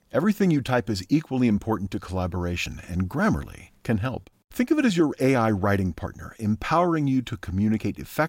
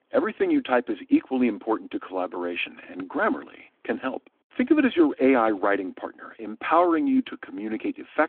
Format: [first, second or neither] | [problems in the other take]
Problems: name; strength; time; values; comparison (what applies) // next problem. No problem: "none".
first | phone-call audio